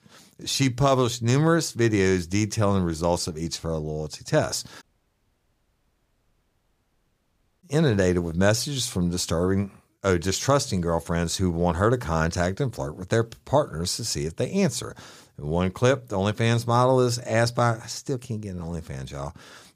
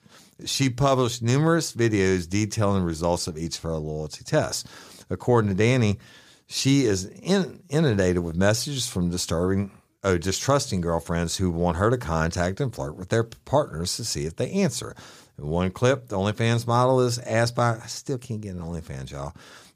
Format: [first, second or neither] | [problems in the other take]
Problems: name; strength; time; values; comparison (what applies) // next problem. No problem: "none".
second | audio cutting out; at 5 s for 3 s